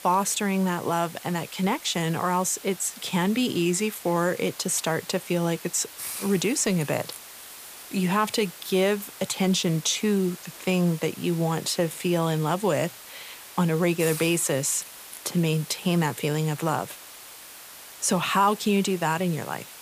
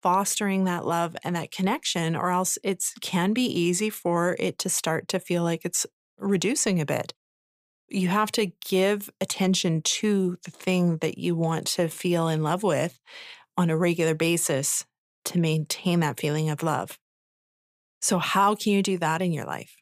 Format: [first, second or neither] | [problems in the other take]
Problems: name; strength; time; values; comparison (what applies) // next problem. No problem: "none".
second | hiss; noticeable; throughout; 15 dB below the speech